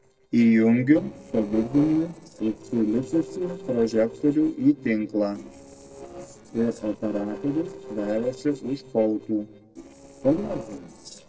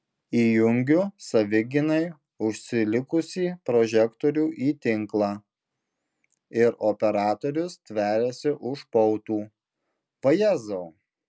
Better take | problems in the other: second | noise reduction (neural separator model SepFormer DNS4)

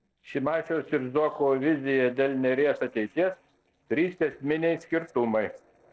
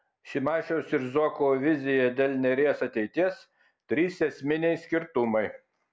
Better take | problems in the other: second | noise reduction (neural separator model SepFormer DNS4)

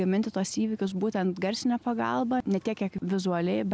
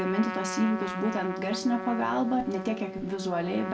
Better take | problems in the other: first | background sound (Trumpet); 8 dB below the speech // room echo; dies away in 0.2 s

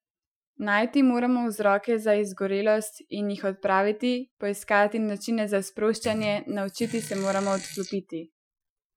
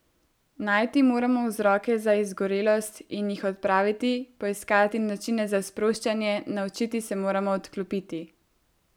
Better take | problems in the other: second | noise reduction (classical method Wiener filter)

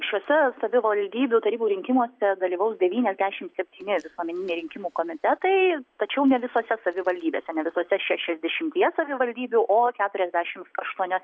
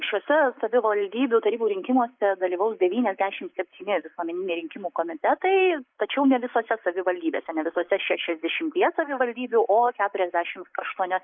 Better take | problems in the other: first | noise reduction (neural mask model Resemble Enhance denoiser)

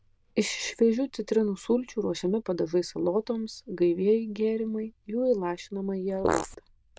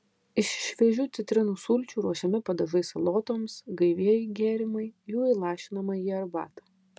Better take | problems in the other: second | noise reduction (neural diffusion model UNIVERSE++)

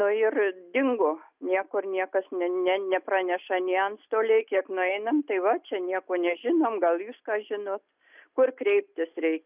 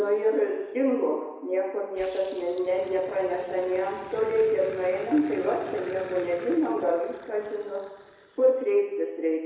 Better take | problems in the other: first | background sound (Growling); 18 dB below the speech // room echo; dies away in 1 s

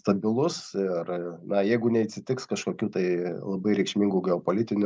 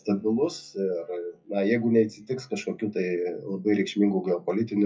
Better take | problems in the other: first | noise reduction (classical method WPE with log-MMSE)

